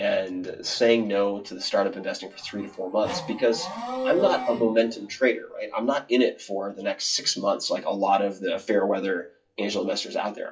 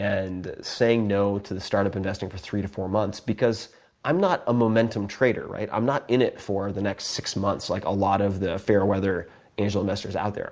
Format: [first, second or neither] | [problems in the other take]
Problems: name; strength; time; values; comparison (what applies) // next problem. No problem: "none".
second | noise reduction (classical method WPE with log-MMSE)